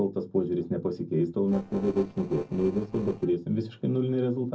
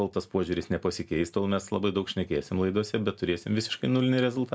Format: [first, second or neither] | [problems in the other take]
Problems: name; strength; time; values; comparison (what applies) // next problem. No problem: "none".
second | noise reduction (neural separator model SepFormer DNS4)